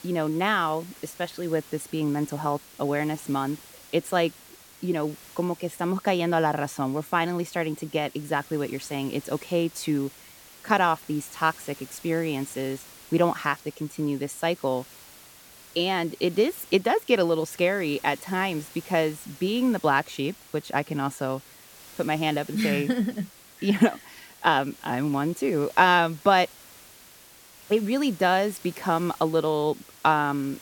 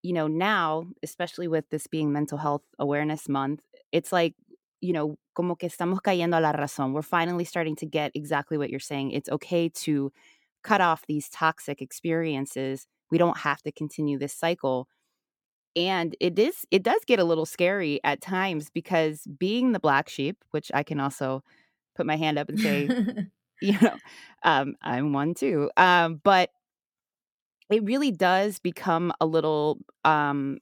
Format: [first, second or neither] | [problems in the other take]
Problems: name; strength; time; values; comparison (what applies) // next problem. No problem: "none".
second | hiss; faint; throughout; 20 dB below the speech